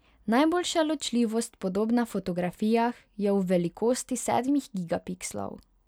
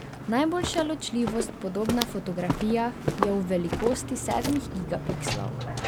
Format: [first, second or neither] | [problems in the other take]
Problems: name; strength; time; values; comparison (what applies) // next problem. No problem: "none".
first | background sound (Walk, footsteps); 3 dB below the speech